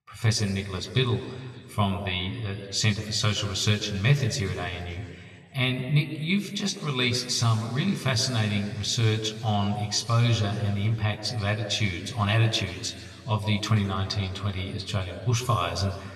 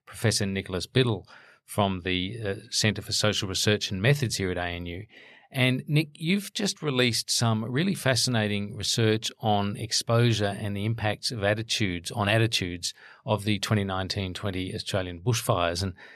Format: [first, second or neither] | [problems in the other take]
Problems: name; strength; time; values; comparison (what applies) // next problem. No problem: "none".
second | room echo; slight; dies away in 2.3 s